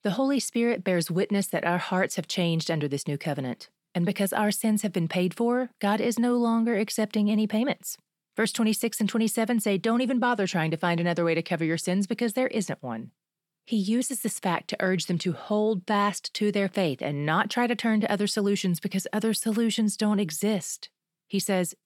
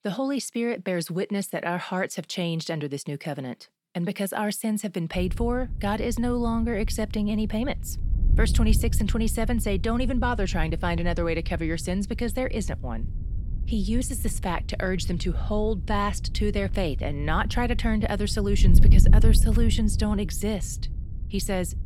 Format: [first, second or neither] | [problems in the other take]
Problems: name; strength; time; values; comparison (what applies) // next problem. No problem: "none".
first | wind noise on the microphone; occasional gusts; from 5 s on; 15 dB below the speech